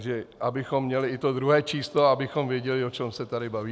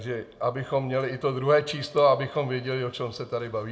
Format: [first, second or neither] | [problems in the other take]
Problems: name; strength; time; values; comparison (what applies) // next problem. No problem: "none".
first | room echo; dies away in 0.4 s